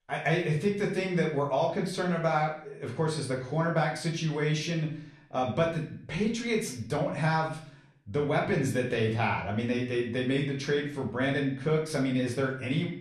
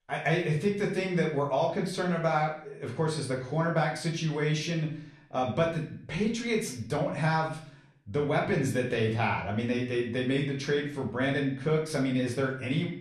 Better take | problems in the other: neither | room echo; slight; dies away in 0.5 s; the same in both // off-mic speech; far; the same in both

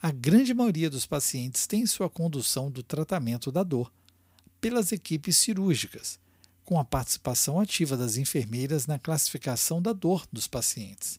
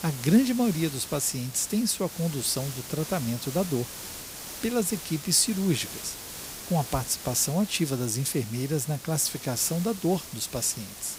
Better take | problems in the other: first | hiss; noticeable; throughout; 10 dB below the speech

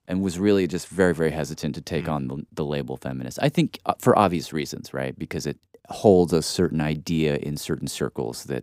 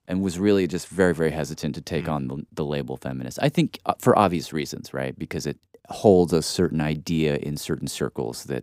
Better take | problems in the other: neither | none

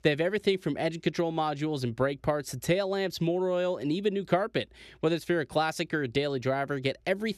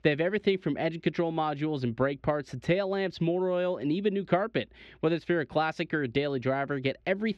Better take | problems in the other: first | muffled; very slightly; fading above 3 kHz

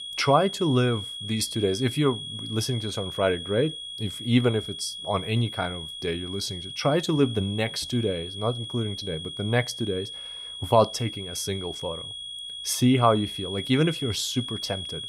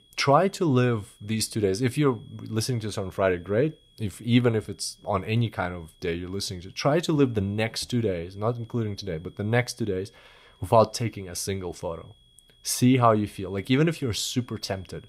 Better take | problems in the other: second | high-pitched whine; loud; throughout; 3.5 kHz, 8 dB below the speech; faint in the second

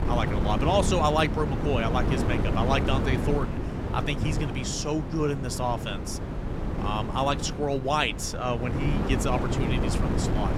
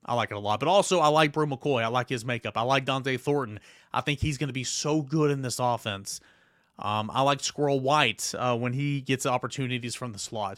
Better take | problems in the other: second | wind noise on the microphone; heavy; 6 dB below the speech

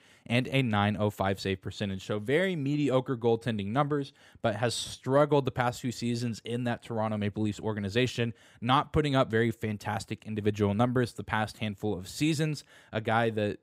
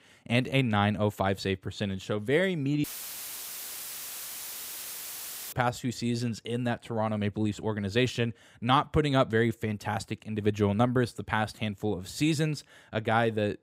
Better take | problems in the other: first | audio cutting out; filled with static; at 3 s for 2.5 s

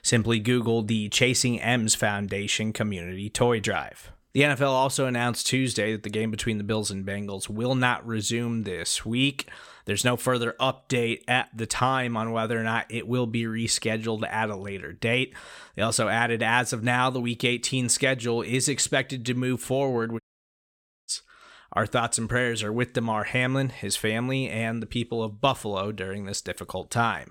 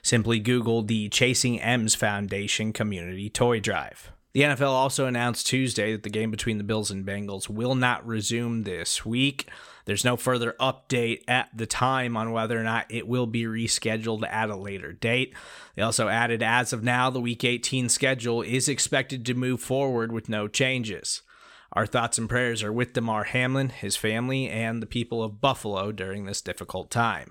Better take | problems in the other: second | audio cutting out; at 20 s for 1 s

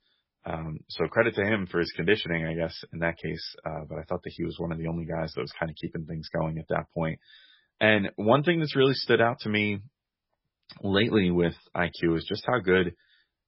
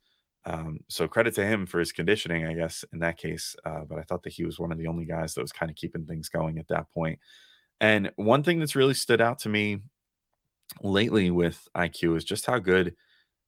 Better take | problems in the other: second | garbled, watery; badly; nothing above 5.5 kHz

